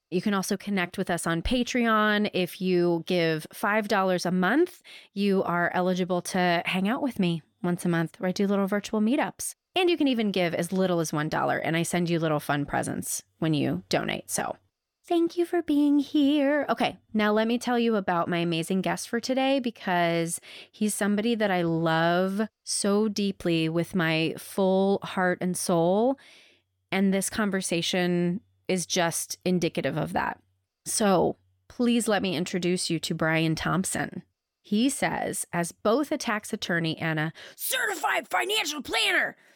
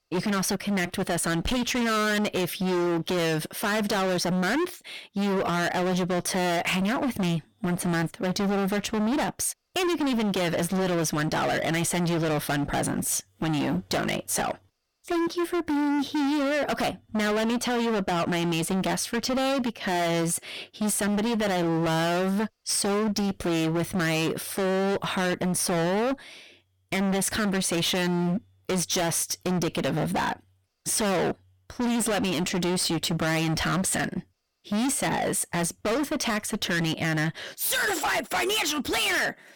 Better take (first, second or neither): first